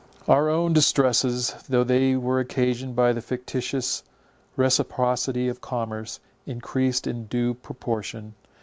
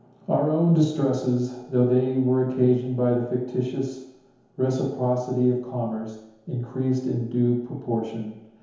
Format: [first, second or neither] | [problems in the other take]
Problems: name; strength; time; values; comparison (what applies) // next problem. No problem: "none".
first | room echo; dies away in 1 s